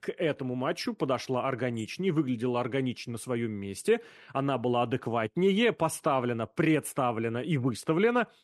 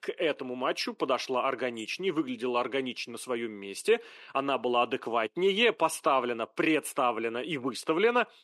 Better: first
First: none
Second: thin; somewhat; fading below 350 Hz

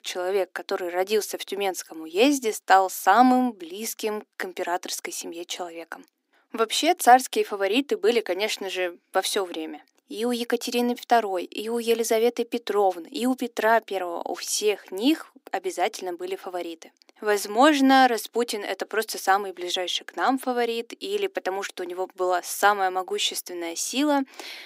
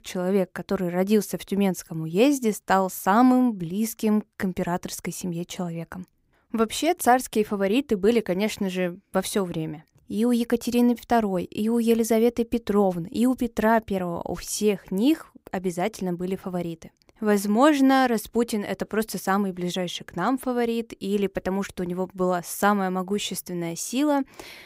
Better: second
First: thin; somewhat; fading below 250 Hz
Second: none

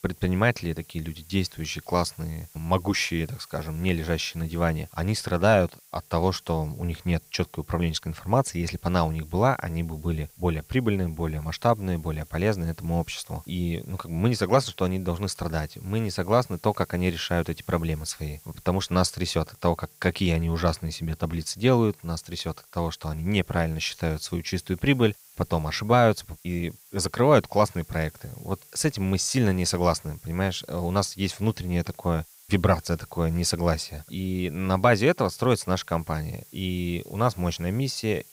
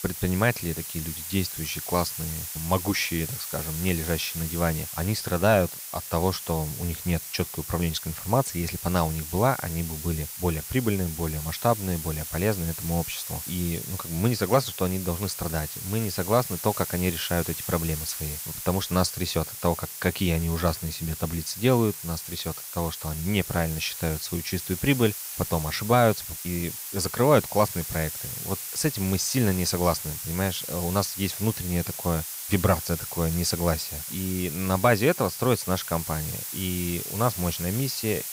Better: first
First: hiss; faint; throughout; 25 dB below the speech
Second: hiss; loud; throughout; 6 dB below the speech

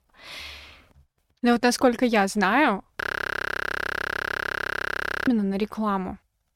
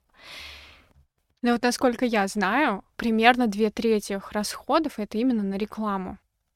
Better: second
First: audio freezing; at 3 s for 2.5 s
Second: none

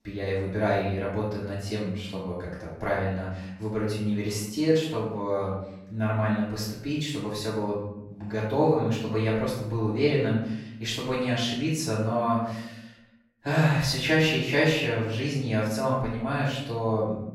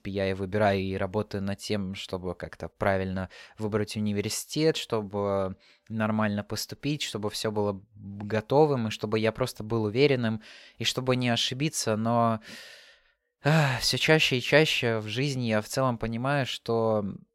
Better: second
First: off-mic speech; far // room echo; noticeable; dies away in 0.7 s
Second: none

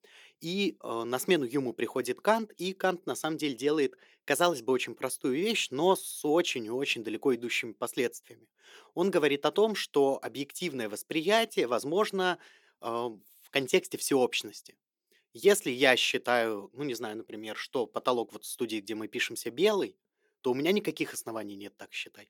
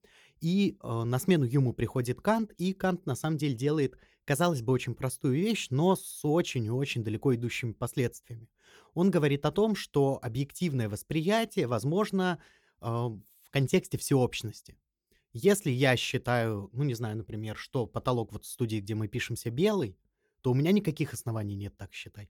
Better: second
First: thin; somewhat; fading below 300 Hz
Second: none

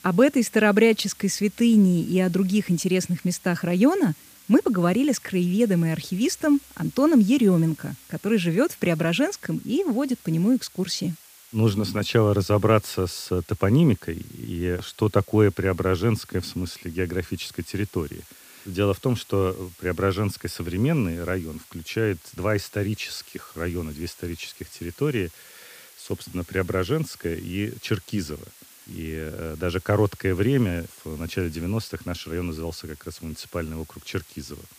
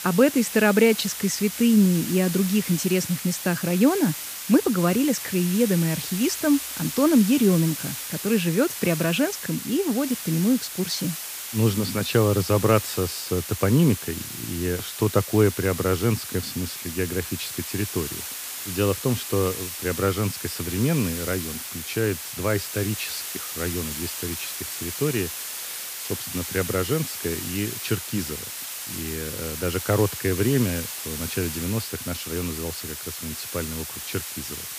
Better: first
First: hiss; faint; throughout; 25 dB below the speech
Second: hiss; loud; throughout; 7 dB below the speech

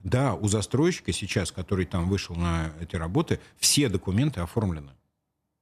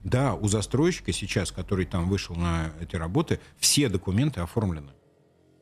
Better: first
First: none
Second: traffic noise; faint; throughout; 25 dB below the speech

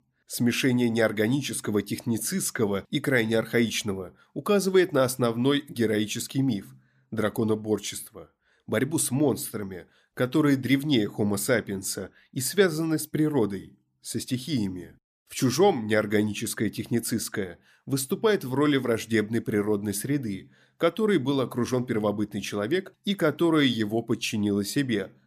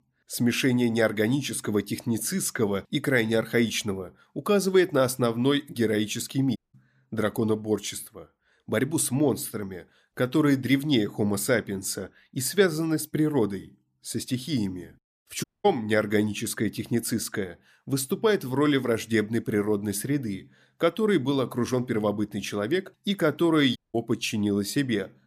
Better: first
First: none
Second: audio cutting out; at 6.5 s, at 15 s and at 24 s

